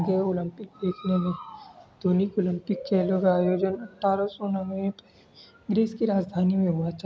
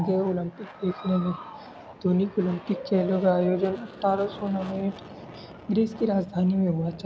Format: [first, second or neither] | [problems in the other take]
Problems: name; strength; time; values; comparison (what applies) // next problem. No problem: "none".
first | background sound (Aircraft); 18 dB below the speech